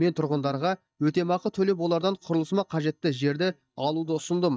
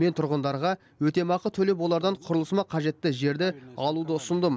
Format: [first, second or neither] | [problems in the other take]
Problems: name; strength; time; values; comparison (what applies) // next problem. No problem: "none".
second | noise reduction (neural mask model DeepFilterNet 3)